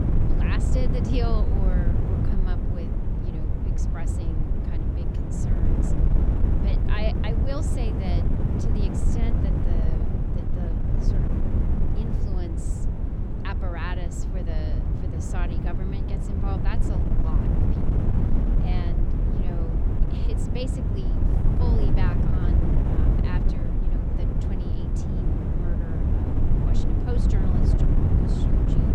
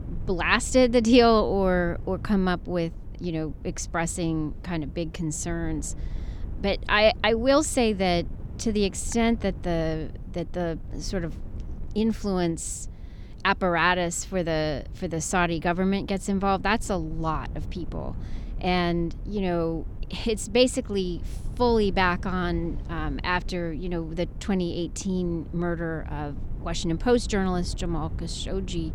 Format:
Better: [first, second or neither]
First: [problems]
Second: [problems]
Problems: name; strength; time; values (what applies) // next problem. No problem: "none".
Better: second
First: wind noise on the microphone; heavy; 3 dB above the speech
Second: wind noise on the microphone; occasional gusts; 25 dB below the speech